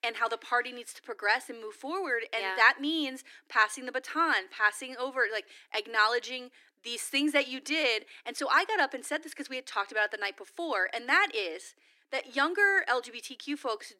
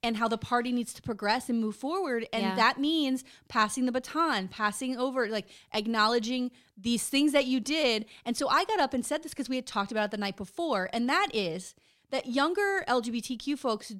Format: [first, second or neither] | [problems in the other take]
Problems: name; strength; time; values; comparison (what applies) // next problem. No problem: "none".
second | thin; somewhat; fading below 300 Hz